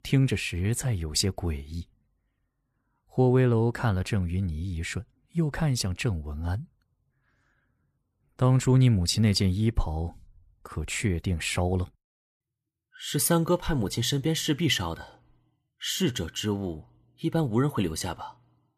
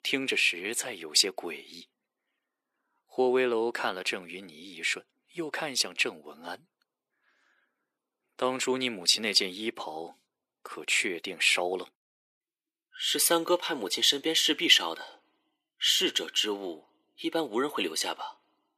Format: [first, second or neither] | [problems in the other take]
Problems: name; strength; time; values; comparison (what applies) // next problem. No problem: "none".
first | thin; very; fading below 350 Hz